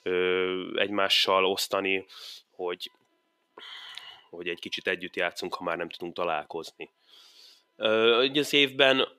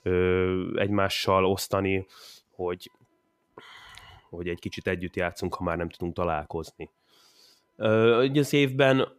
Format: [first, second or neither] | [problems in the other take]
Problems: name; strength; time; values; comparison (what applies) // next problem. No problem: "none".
second | thin; very slightly; fading below 300 Hz